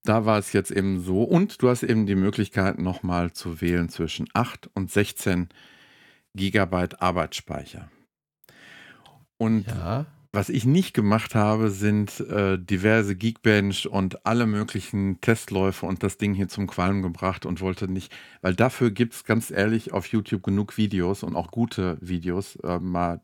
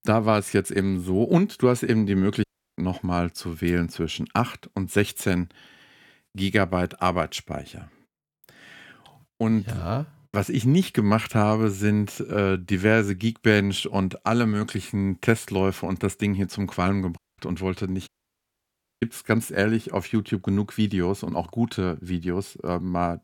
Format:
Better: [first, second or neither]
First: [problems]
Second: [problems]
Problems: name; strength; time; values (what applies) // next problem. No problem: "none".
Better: first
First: none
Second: audio cutting out; at 2.5 s, at 17 s and at 18 s for 1 s